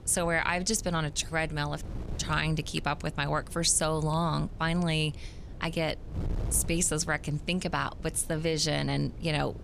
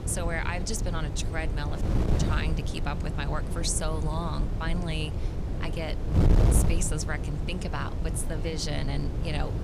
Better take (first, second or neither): first